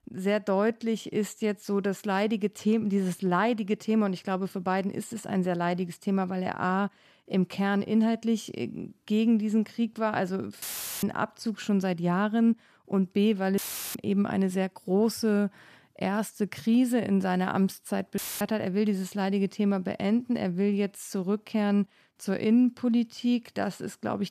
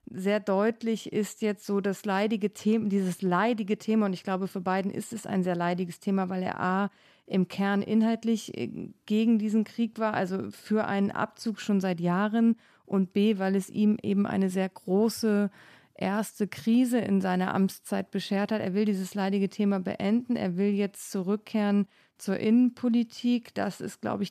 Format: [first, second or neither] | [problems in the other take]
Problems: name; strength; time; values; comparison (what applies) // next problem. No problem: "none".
second | audio cutting out; filled with static; at 11 s, at 14 s and at 18 s